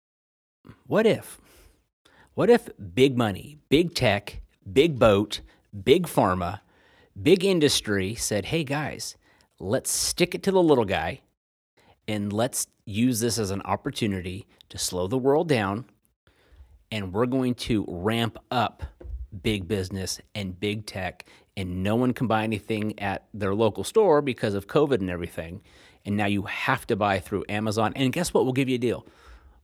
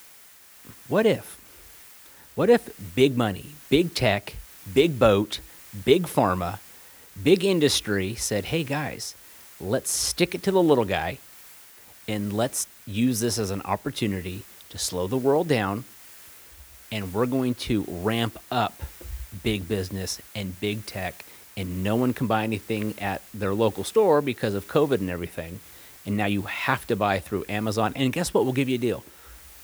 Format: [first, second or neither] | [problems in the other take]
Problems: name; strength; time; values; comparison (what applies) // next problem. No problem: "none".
first | hiss; faint; throughout; 20 dB below the speech